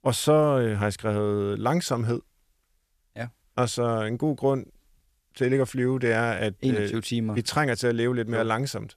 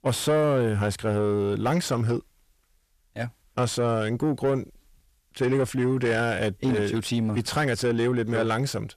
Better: first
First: none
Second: distortion; slight; 10 dB below the speech

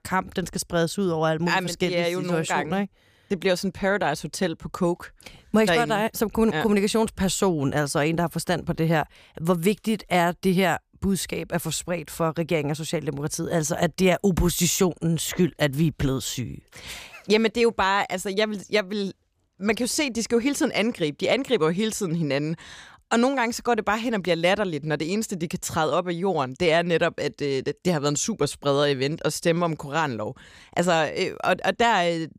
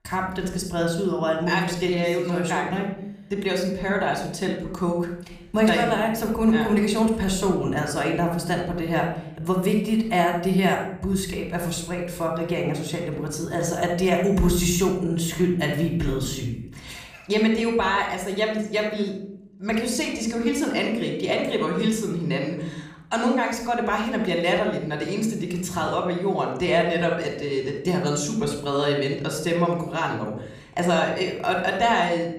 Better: first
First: none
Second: off-mic speech; somewhat distant // room echo; noticeable; dies away in 0.7 s

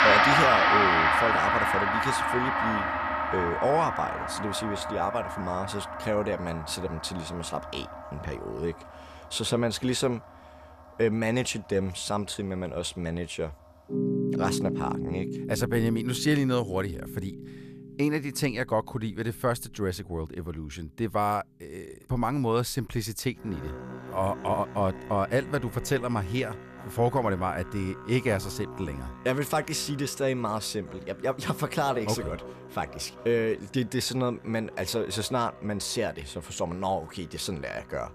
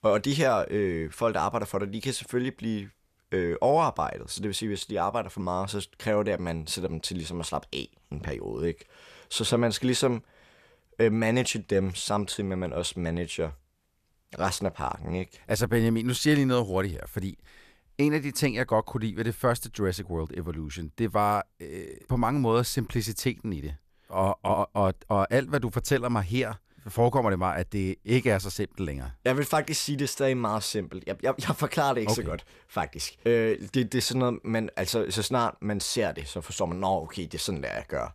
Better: second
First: background music; very loud; throughout; 1 dB above the speech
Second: none

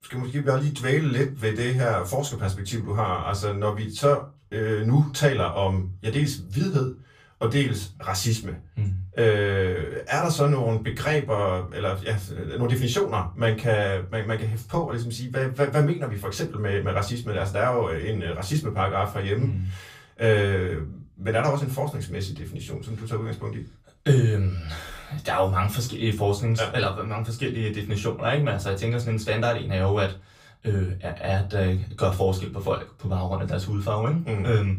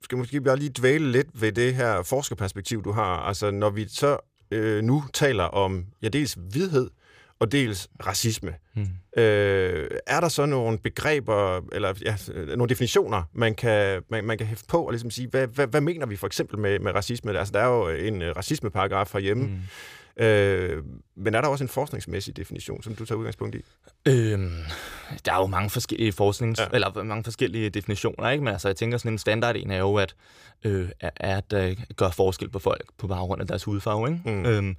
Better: second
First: off-mic speech; far // room echo; very slight; dies away in 0.2 s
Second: none

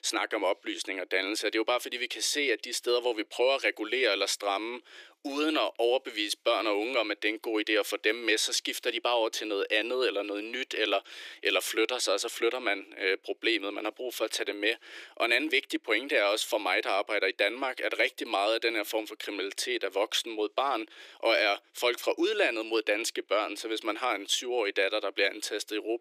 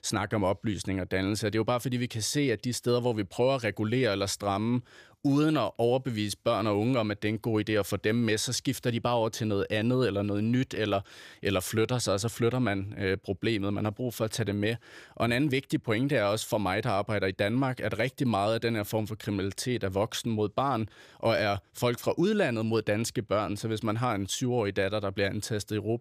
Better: second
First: thin; very; fading below 300 Hz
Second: none

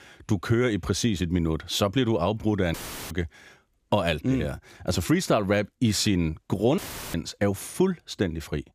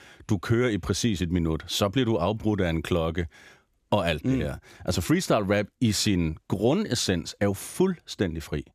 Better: second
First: audio cutting out; filled with static; at 2.5 s and at 7 s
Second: none

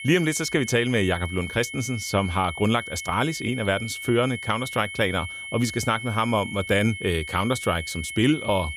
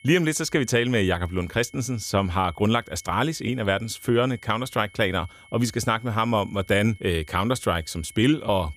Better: second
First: high-pitched whine; loud; throughout; 2 kHz, 9 dB below the speech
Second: high-pitched whine; faint; throughout; 2 kHz, 25 dB below the speech

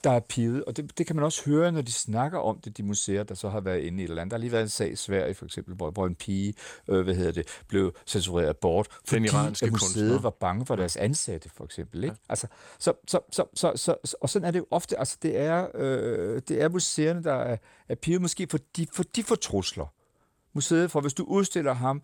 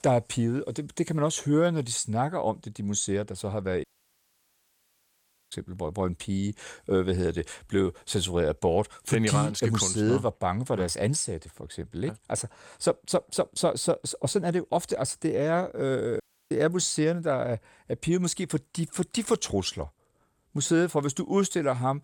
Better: first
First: none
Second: audio cutting out; at 4 s for 1.5 s and at 16 s

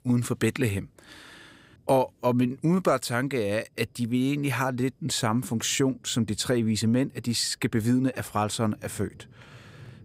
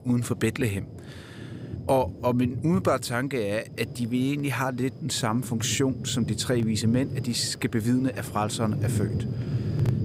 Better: first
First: rain or running water; faint; throughout; 30 dB below the speech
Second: rain or running water; loud; throughout; 7 dB below the speech

